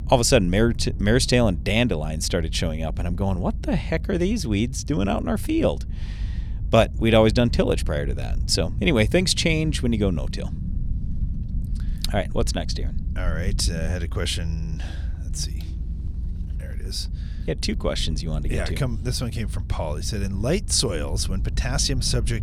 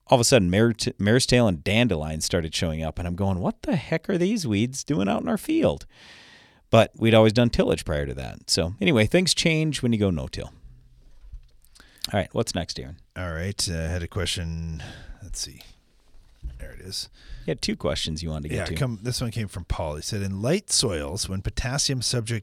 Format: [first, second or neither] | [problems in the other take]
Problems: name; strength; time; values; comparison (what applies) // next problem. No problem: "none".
second | low rumble; faint; throughout; 20 dB below the speech